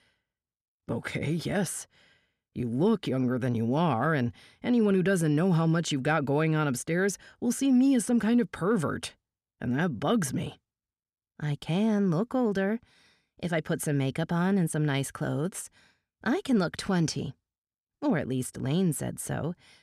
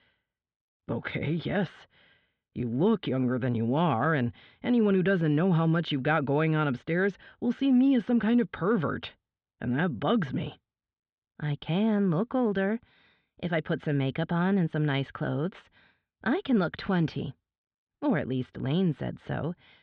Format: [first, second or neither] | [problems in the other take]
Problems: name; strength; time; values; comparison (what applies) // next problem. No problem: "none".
first | muffled; very; fading above 3.5 kHz